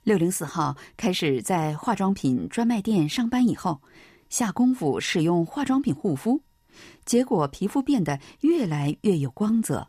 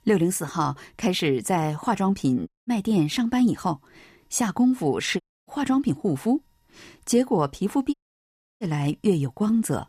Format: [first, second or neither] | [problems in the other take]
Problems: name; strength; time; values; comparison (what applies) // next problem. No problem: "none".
first | audio cutting out; at 2.5 s, at 5 s and at 8 s for 0.5 s